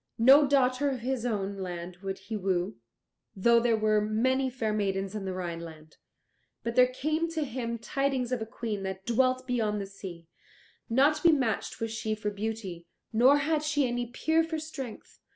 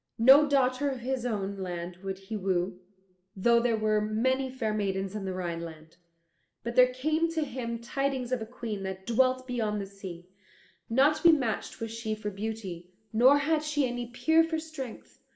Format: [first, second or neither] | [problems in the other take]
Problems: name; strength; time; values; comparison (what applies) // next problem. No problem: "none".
first | room echo; dies away in 0.6 s